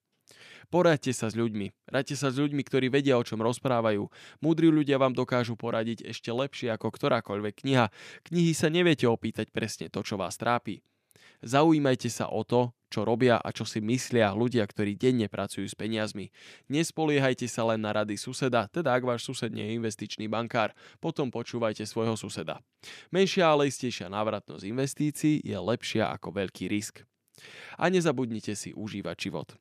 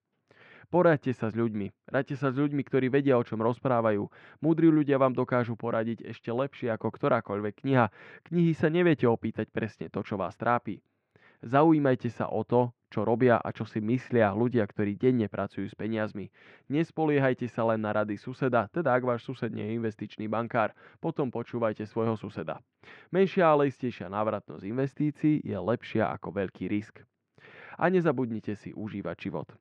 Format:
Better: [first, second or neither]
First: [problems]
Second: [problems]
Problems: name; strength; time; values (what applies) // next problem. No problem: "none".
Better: first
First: none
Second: muffled; very; fading above 1.5 kHz